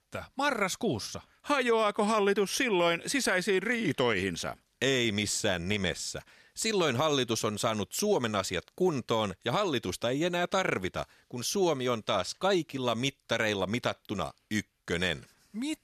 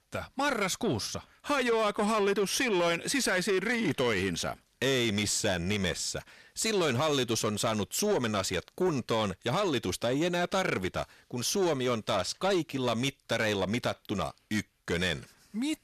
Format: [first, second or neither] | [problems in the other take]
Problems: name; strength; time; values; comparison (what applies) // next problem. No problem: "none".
first | distortion; slight; 10 dB below the speech